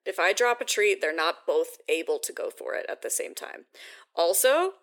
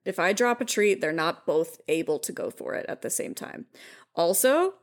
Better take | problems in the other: second | thin; very; fading below 400 Hz

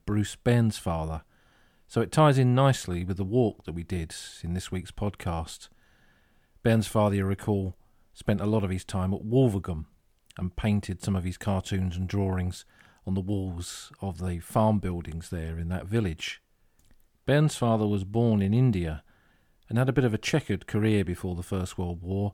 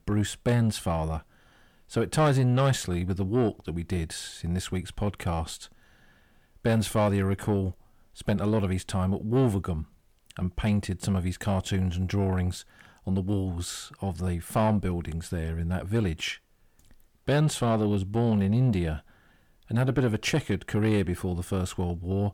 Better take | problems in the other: first | distortion; slight; 10 dB below the speech

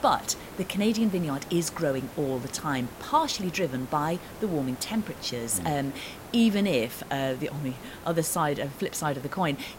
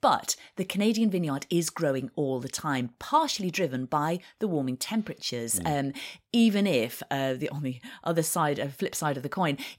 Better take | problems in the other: second | hiss; noticeable; throughout; 15 dB below the speech

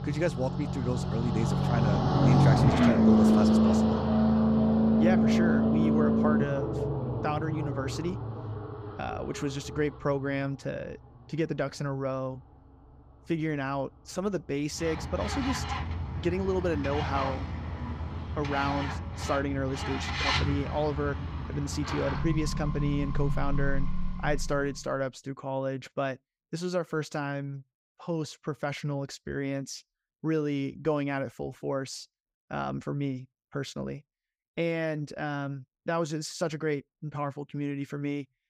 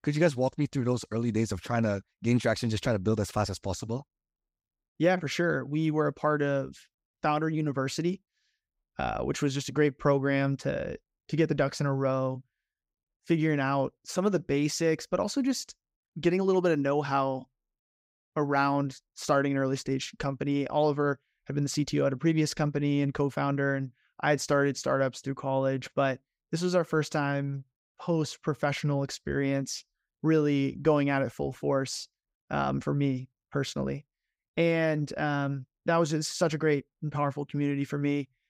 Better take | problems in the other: second | traffic noise; very loud; until 24 s; 5 dB above the speech

